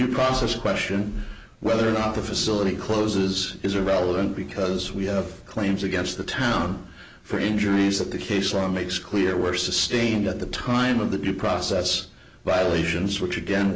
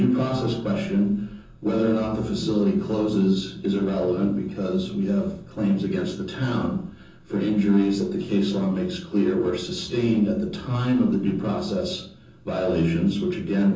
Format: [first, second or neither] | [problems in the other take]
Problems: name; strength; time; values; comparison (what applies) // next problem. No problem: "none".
first | room echo; dies away in 0.6 s